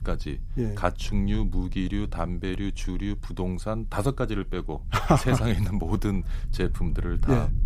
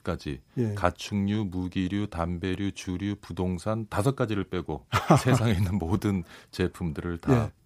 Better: second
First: low rumble; faint; throughout; 20 dB below the speech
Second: none

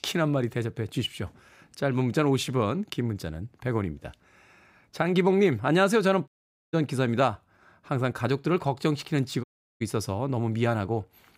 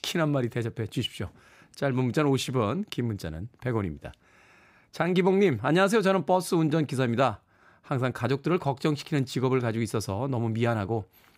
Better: second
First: audio cutting out; at 6.5 s and at 9.5 s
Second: none

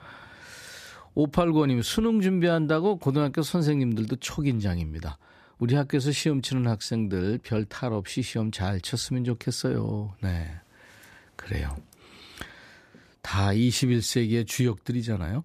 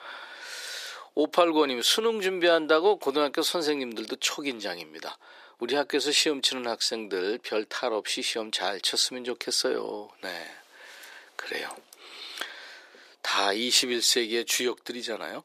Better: first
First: none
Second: thin; very; fading below 400 Hz

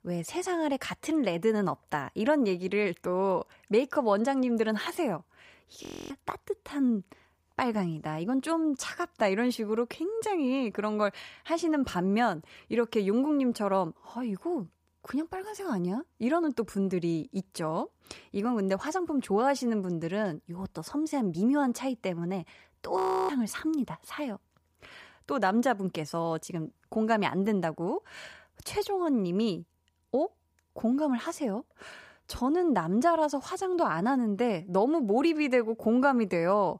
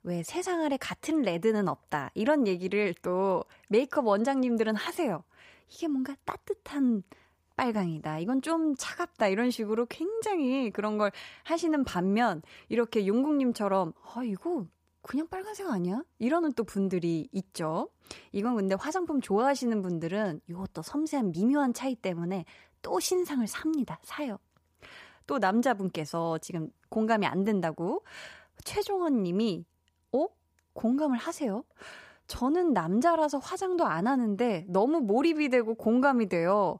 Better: second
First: audio freezing; at 6 s and at 23 s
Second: none

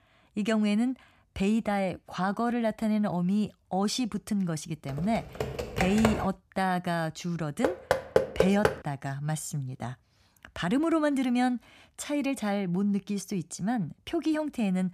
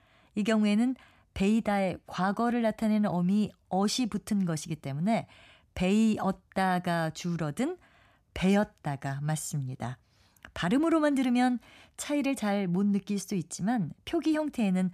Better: second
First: keyboard typing; loud; from 5 to 6.5 s; peak 1 dB above the speech // door banging; loud; from 7.5 to 8.5 s; peak 3 dB above the speech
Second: none

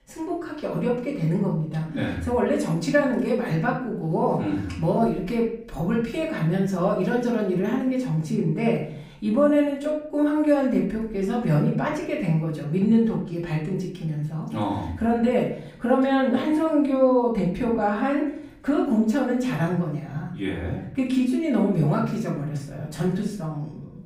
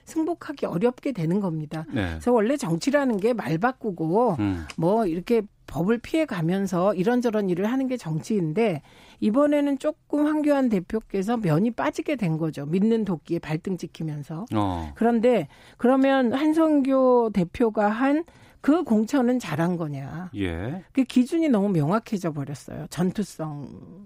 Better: second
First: room echo; noticeable; dies away in 0.6 s // off-mic speech; far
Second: none

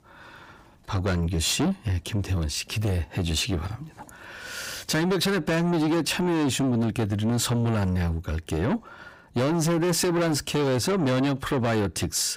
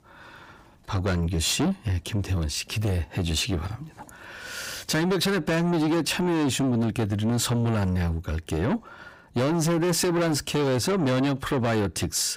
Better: neither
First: distortion; heavy; 7 dB below the speech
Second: distortion; heavy; 7 dB below the speech

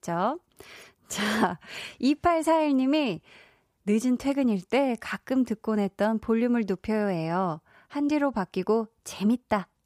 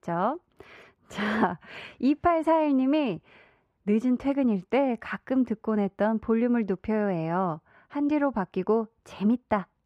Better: first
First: none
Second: muffled; slightly; fading above 4 kHz

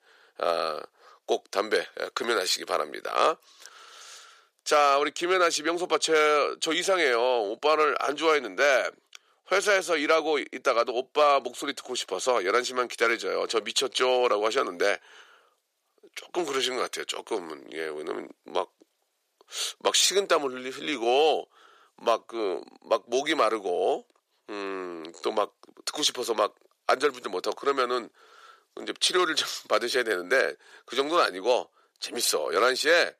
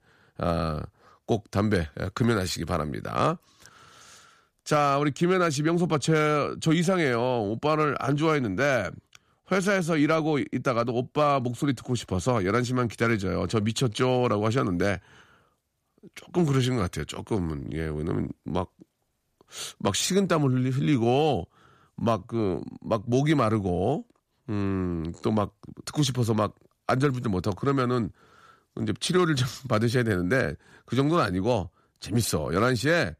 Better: second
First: thin; very; fading below 450 Hz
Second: none

